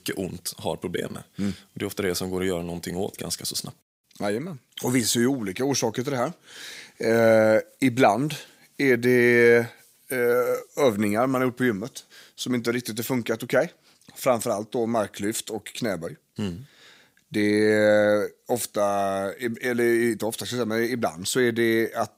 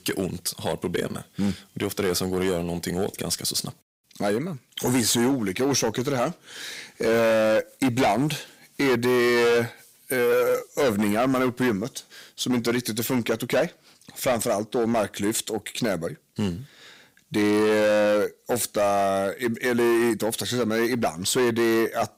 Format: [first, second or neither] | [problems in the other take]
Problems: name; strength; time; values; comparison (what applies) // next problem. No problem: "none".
first | distortion; heavy; 12% of the sound clipped